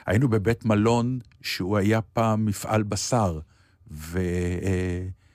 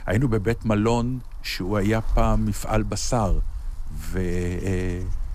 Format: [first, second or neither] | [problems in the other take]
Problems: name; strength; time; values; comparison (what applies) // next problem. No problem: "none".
first | wind noise on the microphone; occasional gusts; 25 dB below the speech